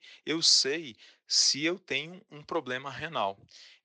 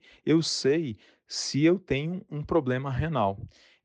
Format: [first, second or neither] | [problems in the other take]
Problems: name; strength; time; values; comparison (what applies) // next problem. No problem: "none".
second | thin; somewhat; fading below 1 kHz